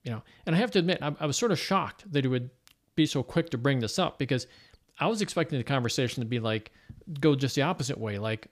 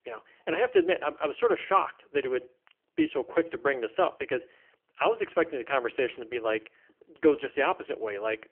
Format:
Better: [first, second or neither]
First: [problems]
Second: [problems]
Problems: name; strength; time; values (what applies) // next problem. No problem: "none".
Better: first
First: none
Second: phone-call audio; poor line; nothing above 3 kHz